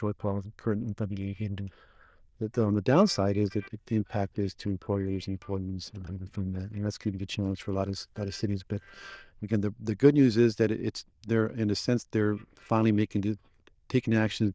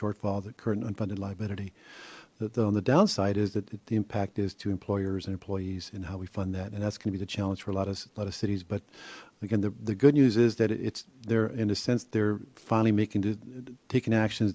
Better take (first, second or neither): second